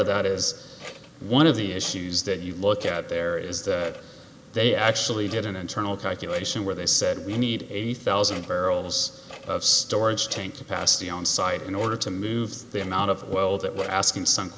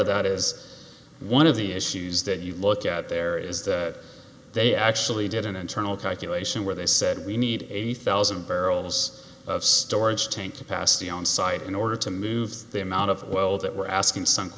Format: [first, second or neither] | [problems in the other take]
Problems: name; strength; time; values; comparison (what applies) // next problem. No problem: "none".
second | background sound (Clock); 20 dB below the speech